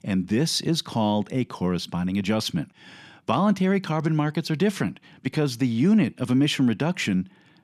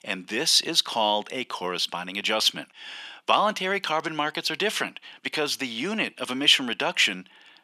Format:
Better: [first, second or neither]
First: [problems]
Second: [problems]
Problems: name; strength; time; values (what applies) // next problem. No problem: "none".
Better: first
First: none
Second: thin; very; fading below 650 Hz